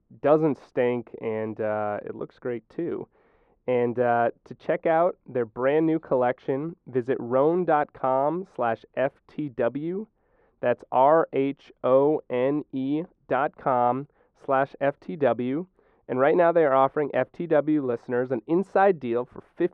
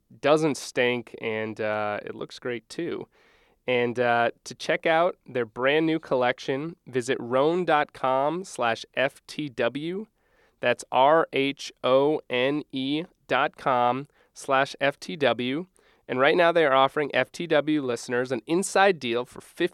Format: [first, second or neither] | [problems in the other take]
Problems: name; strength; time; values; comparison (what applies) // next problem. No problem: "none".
second | muffled; very; fading above 3.5 kHz